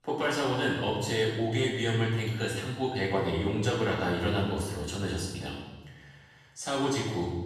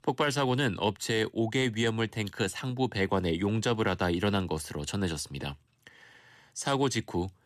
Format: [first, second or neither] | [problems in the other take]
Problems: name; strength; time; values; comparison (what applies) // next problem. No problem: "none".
second | off-mic speech; far // room echo; noticeable; dies away in 1.1 s